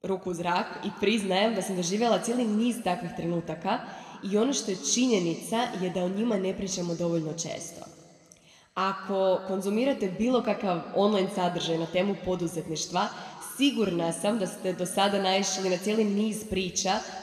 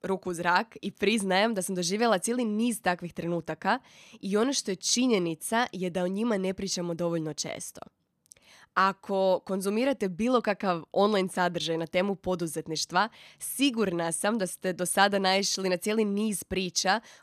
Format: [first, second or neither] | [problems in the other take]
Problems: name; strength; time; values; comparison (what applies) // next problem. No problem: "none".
second | room echo; slight; dies away in 2 s